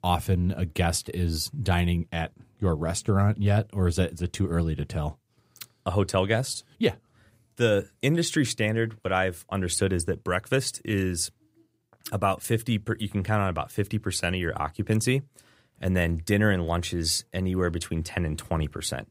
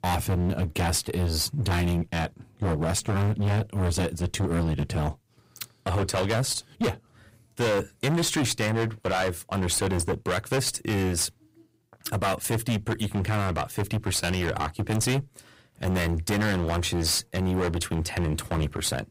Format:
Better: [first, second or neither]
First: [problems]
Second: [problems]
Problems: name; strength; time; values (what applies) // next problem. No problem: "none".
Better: first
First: none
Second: distortion; heavy; 21% of the sound clipped